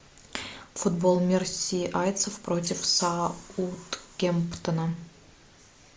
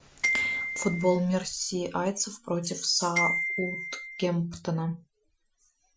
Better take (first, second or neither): first